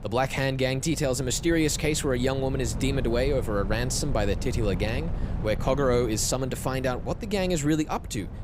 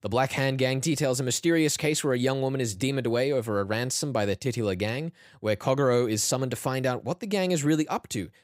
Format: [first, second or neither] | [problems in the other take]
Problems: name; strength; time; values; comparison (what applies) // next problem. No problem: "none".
second | wind noise on the microphone; occasional gusts; 15 dB below the speech